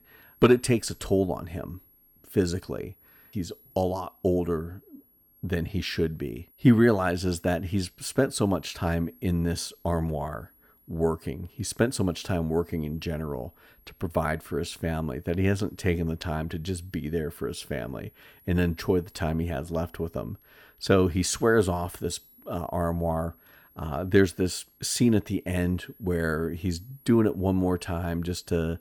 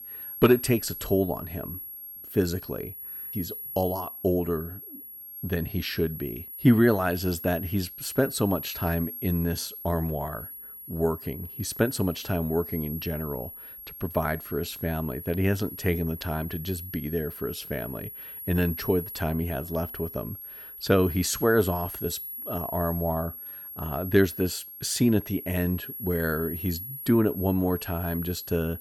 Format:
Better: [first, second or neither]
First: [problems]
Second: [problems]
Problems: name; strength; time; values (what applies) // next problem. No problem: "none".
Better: first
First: high-pitched whine; faint; throughout; 11.5 kHz, 30 dB below the speech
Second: high-pitched whine; loud; throughout; 11.5 kHz, 9 dB below the speech